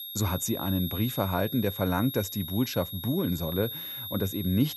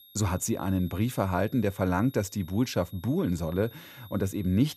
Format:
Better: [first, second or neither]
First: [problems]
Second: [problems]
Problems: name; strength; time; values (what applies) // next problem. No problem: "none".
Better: second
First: high-pitched whine; loud; throughout; 3.5 kHz, 7 dB below the speech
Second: high-pitched whine; faint; throughout; 3.5 kHz, 20 dB below the speech